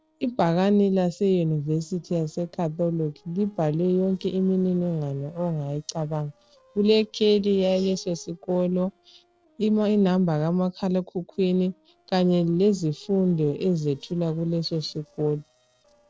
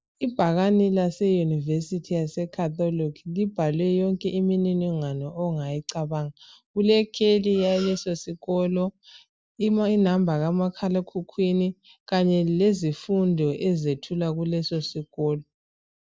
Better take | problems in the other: second | noise reduction (neural separator model SepFormer DNS4)

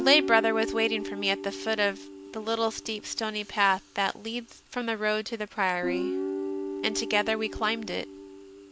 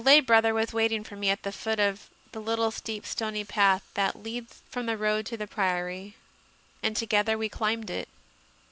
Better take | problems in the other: second | background sound (Guitar); 7 dB below the speech

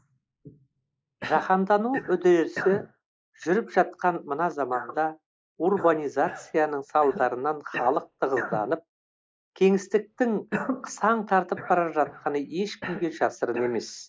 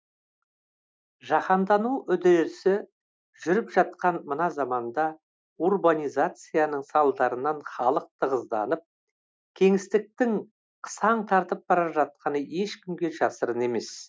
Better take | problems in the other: second | noise reduction (neural mask model Resemble Enhance denoiser)

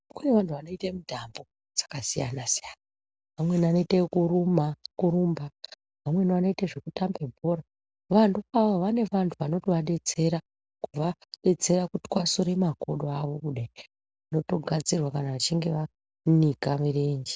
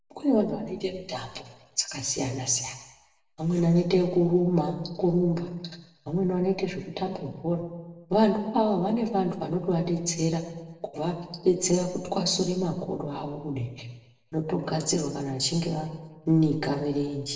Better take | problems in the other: first | room echo; dies away in 0.9 s

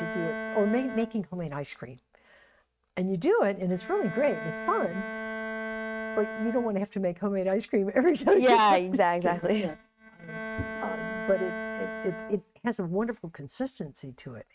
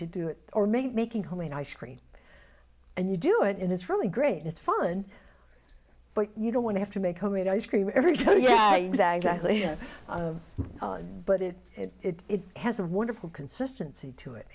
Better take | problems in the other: second | noise reduction (neural mask model RNNoise)

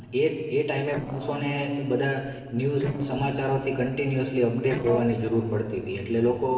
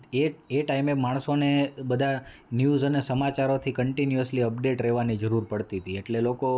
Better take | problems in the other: second | noise reduction (neural separator model SepFormer DNS4)

